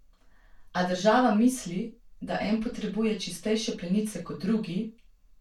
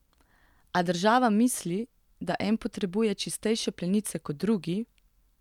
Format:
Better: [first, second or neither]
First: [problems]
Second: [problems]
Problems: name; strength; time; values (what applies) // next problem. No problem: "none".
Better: second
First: room echo; dies away in 0.2 s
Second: none